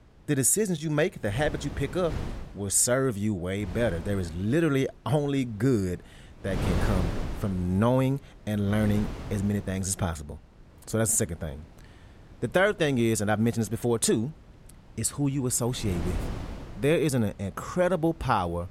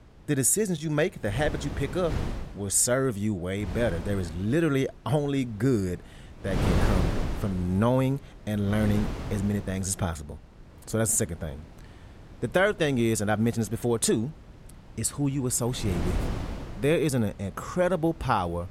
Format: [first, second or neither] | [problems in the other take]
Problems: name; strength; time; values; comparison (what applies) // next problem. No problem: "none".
first | wind noise on the microphone; heavy; 9 dB below the speech; occasional gusts in the first